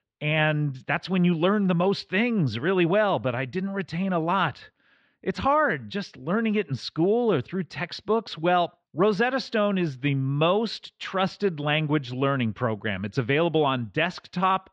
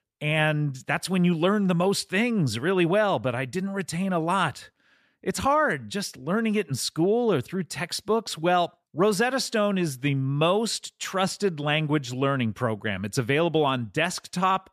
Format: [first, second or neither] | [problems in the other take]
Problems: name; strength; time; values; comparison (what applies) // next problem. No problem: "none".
second | muffled; very slightly; fading above 4 kHz